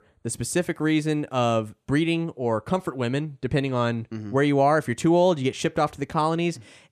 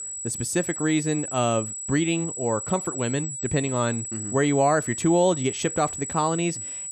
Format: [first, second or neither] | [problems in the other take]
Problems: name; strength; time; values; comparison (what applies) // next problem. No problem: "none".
first | high-pitched whine; loud; throughout; 8 kHz, 6 dB below the speech